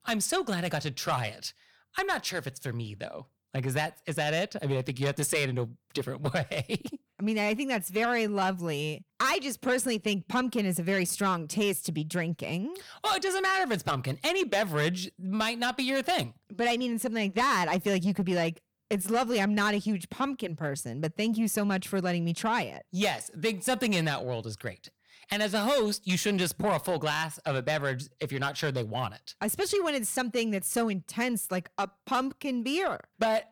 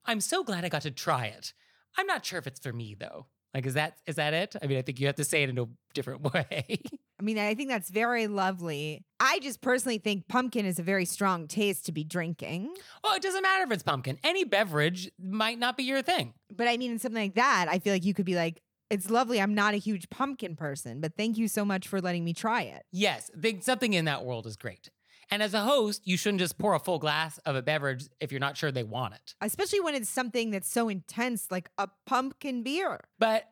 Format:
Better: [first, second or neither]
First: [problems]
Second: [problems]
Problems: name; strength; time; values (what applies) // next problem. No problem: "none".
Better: second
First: distortion; slight; 10 dB below the speech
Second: none